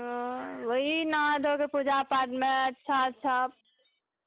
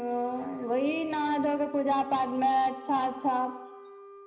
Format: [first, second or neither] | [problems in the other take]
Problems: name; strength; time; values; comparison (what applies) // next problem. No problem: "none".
first | background sound (Wind instrument, woodwind instrument); 18 dB below the speech // room echo; dies away in 0.9 s